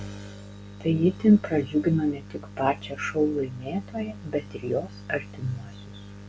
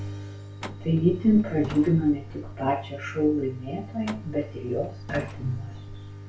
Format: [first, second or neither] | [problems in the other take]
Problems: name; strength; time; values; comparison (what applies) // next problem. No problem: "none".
first | background sound (Truck); 15 dB below the speech // room echo; dies away in 0.3 s